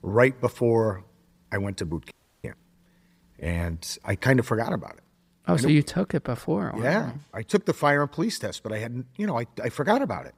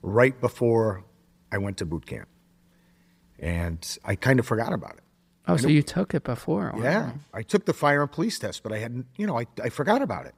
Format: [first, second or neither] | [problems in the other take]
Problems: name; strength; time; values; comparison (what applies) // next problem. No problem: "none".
second | audio freezing; at 2 s